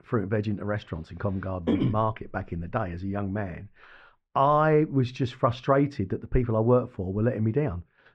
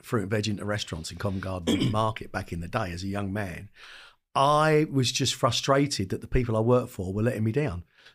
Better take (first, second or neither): second